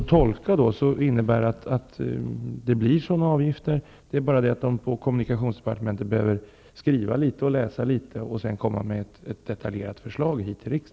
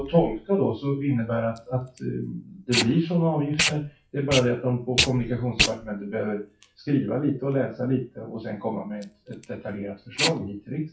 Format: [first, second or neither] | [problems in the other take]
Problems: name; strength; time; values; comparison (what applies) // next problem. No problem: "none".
first | noise reduction (classical method WPE with log-MMSE)